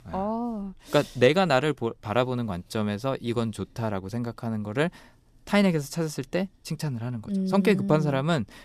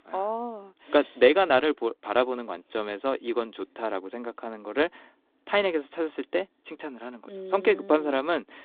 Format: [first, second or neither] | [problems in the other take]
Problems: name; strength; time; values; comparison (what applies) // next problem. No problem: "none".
first | phone-call audio